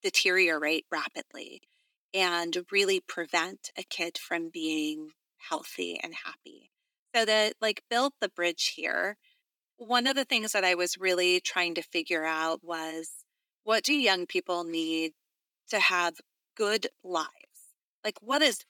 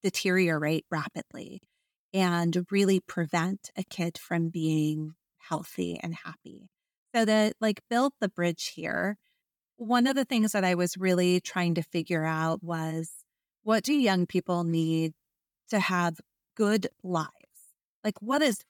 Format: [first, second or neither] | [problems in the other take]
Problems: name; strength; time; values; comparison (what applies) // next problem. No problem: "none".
second | thin; somewhat; fading below 300 Hz